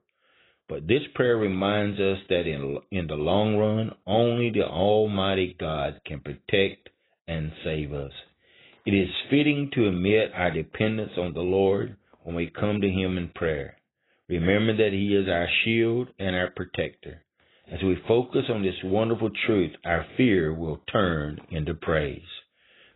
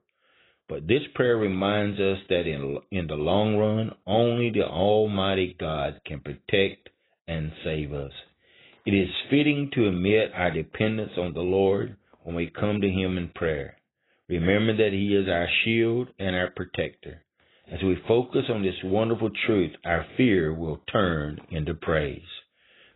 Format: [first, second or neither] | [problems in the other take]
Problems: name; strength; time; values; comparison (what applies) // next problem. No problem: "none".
neither | garbled, watery; badly; nothing above 4 kHz; the same in both